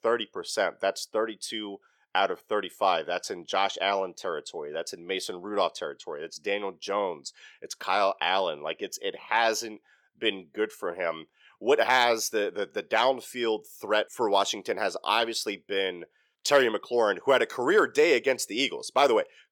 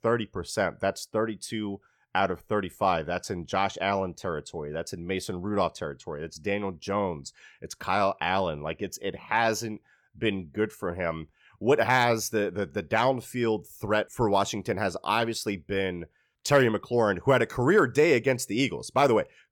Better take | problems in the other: second | thin; somewhat; fading below 400 Hz

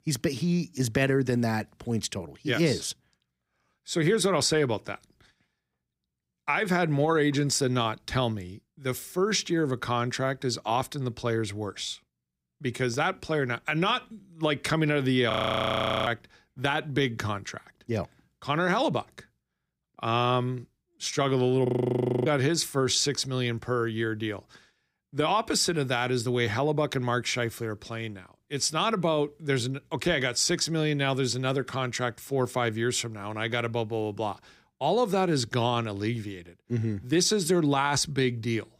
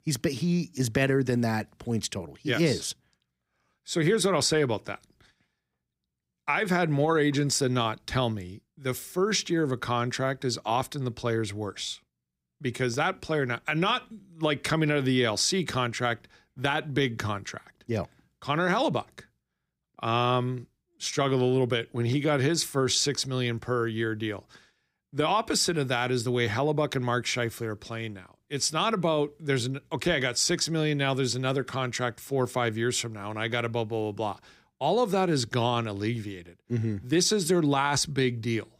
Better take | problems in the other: second | audio freezing; at 15 s for 1 s and at 22 s for 0.5 s

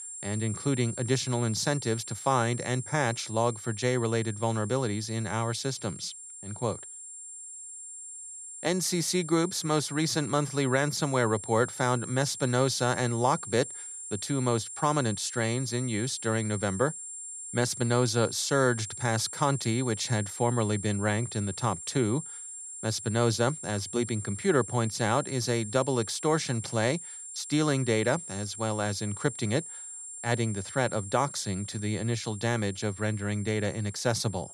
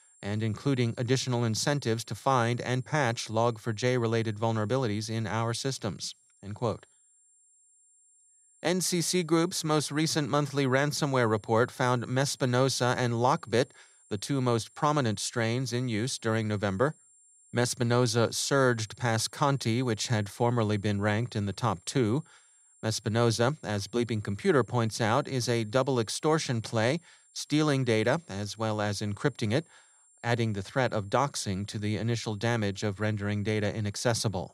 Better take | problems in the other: second | high-pitched whine; loud; throughout; 7.5 kHz, 10 dB below the speech; faint in the second

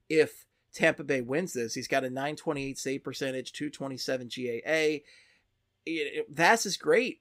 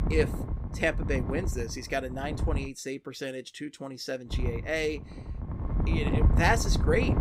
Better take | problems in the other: first | wind noise on the microphone; heavy; until 2.5 s and from 4.5 s on; 8 dB below the speech

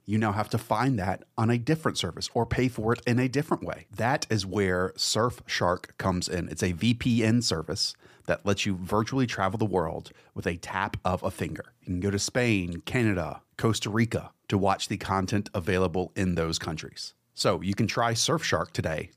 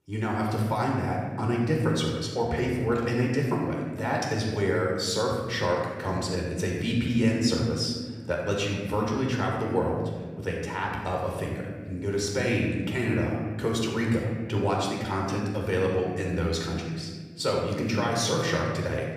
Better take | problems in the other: first | off-mic speech; somewhat distant // room echo; noticeable; dies away in 1.5 s

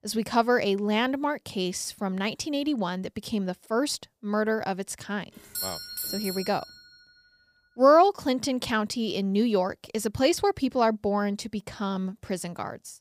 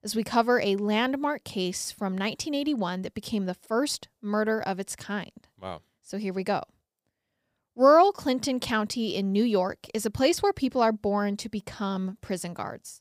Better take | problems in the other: second | doorbell; noticeable; from 5.5 to 6.5 s; peak 5 dB below the speech

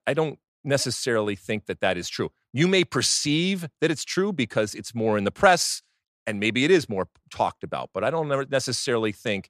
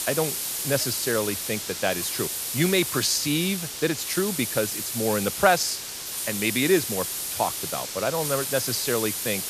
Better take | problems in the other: first | hiss; loud; throughout; 2 dB below the speech

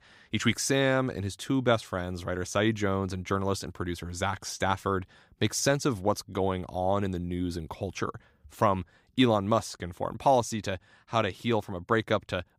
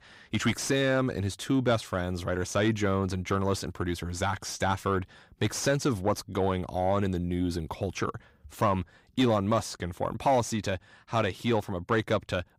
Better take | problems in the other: first | distortion; slight; 10 dB below the speech

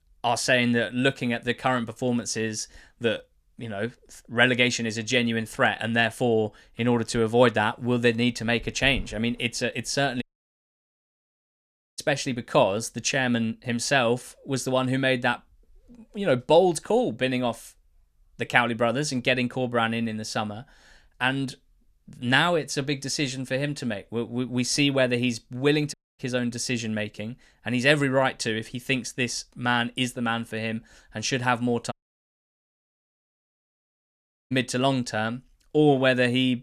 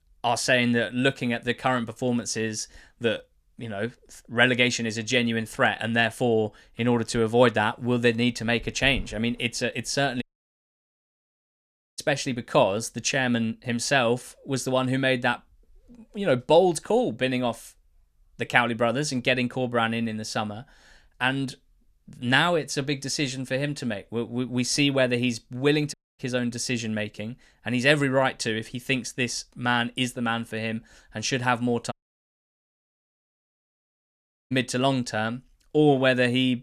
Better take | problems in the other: neither | audio cutting out; at 10 s for 2 s, at 26 s and at 32 s for 2.5 s; the same in both

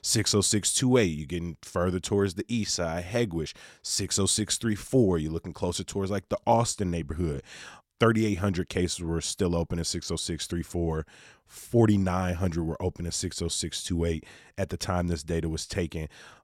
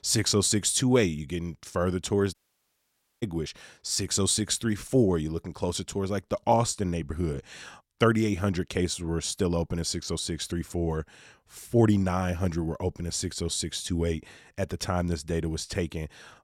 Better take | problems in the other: first | audio cutting out; at 2.5 s for 1 s

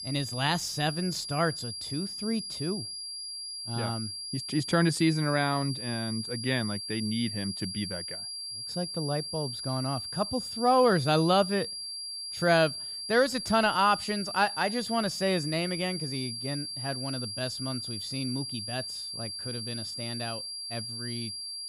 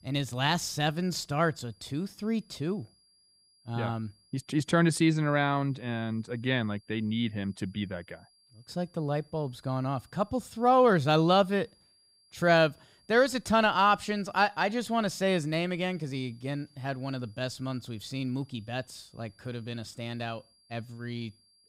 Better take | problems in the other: second | high-pitched whine; loud; throughout; 4.5 kHz, 5 dB below the speech; faint in the second

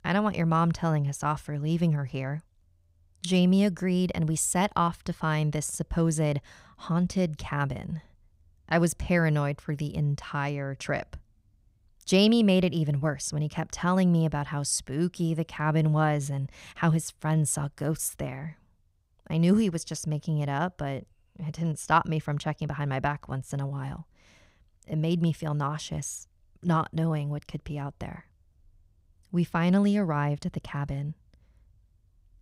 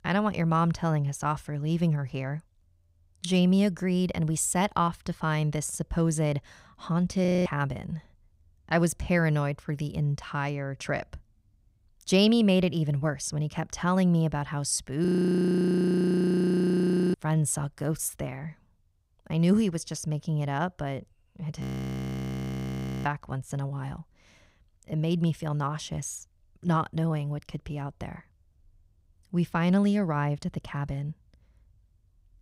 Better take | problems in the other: first | audio freezing; at 7.5 s, at 15 s for 2 s and at 22 s for 1.5 s

